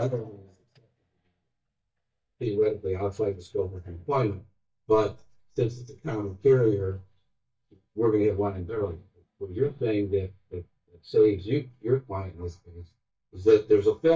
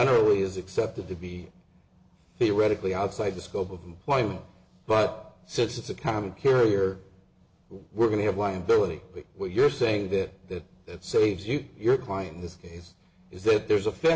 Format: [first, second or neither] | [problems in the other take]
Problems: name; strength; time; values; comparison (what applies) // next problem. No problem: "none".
second | noise reduction (neural mask model DeepFilterNet 3)